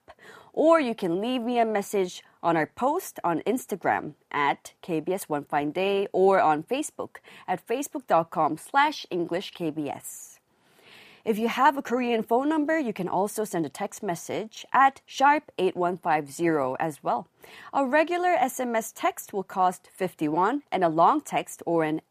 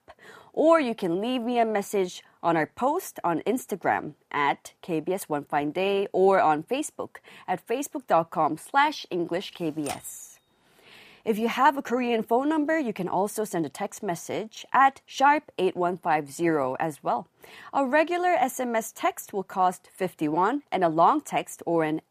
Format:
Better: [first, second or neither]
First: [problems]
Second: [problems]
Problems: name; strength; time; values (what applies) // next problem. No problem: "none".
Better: first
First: none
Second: keyboard typing; faint; at 10 s; peak 15 dB below the speech